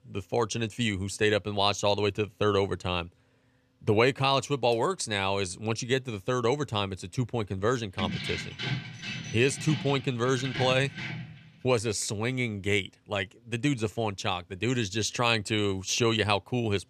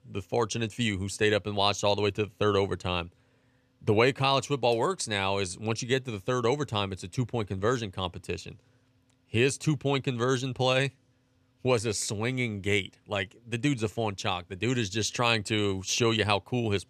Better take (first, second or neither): second